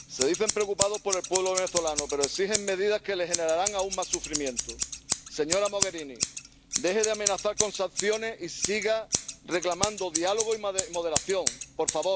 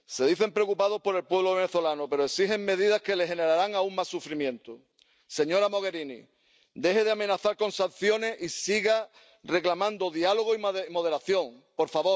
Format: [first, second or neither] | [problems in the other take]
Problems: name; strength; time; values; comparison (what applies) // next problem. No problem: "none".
second | background sound (Scissors); 3 dB below the speech